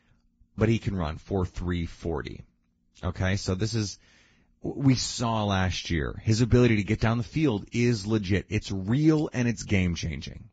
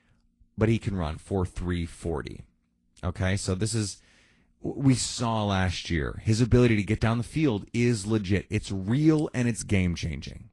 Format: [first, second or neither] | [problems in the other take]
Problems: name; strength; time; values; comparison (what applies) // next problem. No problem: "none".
second | garbled, watery; badly; nothing above 7.5 kHz; slightly in the second